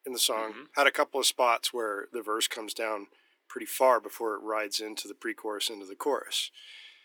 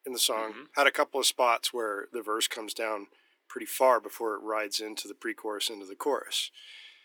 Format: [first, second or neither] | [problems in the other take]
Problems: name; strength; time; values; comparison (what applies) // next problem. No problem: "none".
neither | thin; very; fading below 300 Hz; the same in both